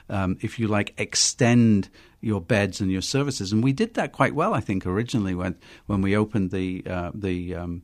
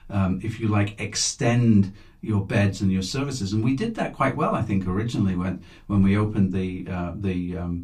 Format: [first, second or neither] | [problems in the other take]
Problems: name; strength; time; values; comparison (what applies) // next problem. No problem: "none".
first | off-mic speech; far // room echo; very slight; dies away in 0.2 s